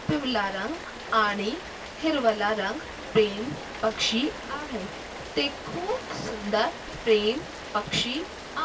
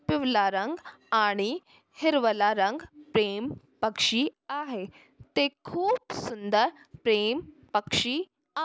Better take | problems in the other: second | background sound (Rain); 10 dB below the speech // room echo; dies away in 0.2 s

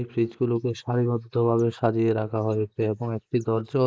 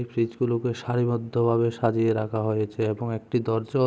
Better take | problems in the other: second | noise reduction (neural mask model Resemble Enhance denoiser)

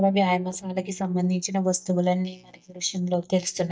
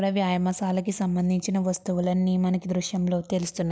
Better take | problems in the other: second | noise reduction (neural mask model DeepFilterNet 3)

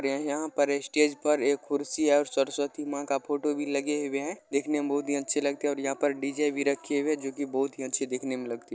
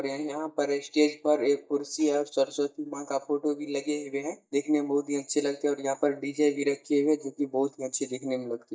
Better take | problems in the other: first | noise reduction (neural mask model DeepFilterNet 3)

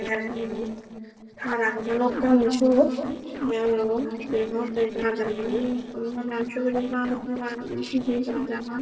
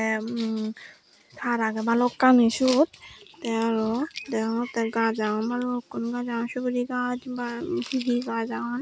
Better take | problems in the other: second | noise reduction (neural separator model SepFormer DNS4)

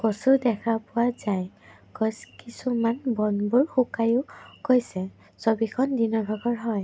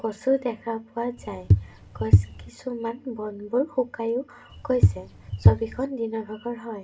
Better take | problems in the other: first | background sound (Walk, footsteps / Bird vocalization, bird call, bird song); 5 dB above the speech // room echo; dies away in 0.2 s

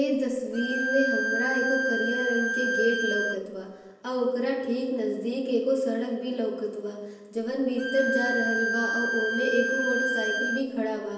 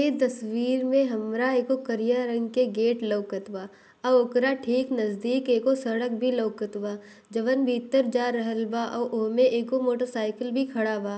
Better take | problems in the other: second | background sound (Bowed string instrument); 1 dB below the speech // room echo; dies away in 1 s

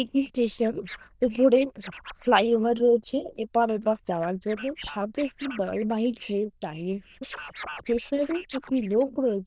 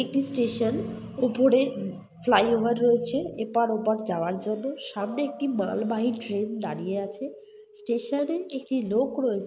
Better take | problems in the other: second | noise reduction (neural diffusion model UNIVERSE++)

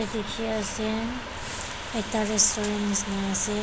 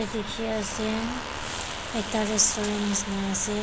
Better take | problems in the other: first | background sound (Fart); 11 dB below the speech

